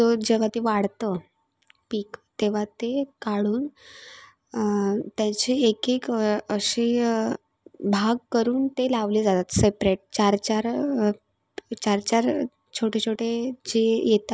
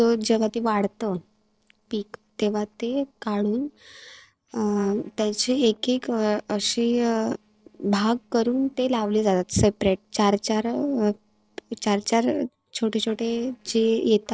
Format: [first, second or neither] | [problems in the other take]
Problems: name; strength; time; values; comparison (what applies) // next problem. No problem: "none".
first | noise reduction (neural separator model SepFormer DNS4)